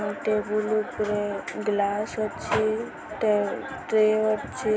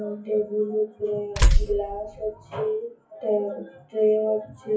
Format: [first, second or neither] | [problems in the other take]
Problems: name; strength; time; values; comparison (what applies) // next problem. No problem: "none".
first | noise reduction (classical method WPE with log-MMSE)